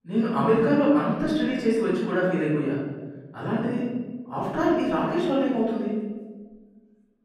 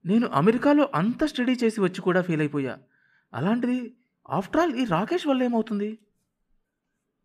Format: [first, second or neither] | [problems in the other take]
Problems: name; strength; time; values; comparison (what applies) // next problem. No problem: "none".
second | off-mic speech; far // room echo; noticeable; dies away in 1.3 s